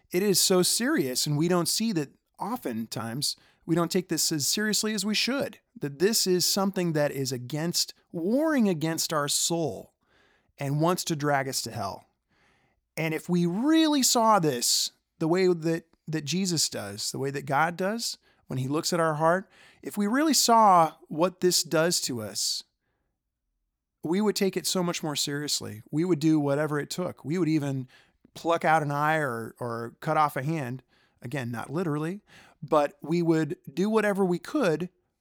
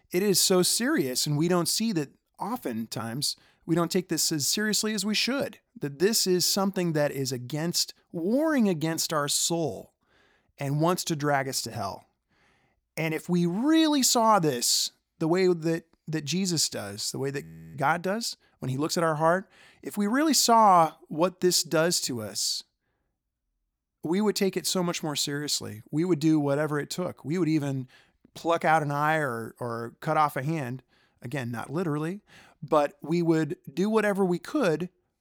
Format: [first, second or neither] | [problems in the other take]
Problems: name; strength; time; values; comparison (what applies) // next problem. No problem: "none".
first | audio freezing; at 17 s